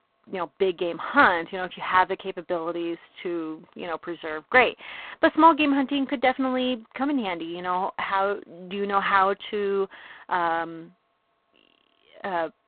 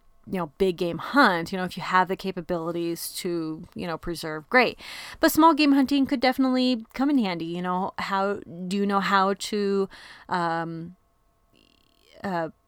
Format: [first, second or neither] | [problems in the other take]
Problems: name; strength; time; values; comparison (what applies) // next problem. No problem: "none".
second | phone-call audio; poor line